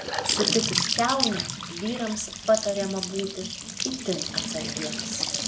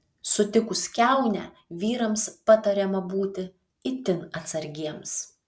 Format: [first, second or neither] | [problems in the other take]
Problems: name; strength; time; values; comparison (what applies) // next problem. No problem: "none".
second | background sound (Trickle, dribble / Bathtub (filling or washing) / Sink (filling or washing) / Gurgling / Splash, splatter); as loud as the speech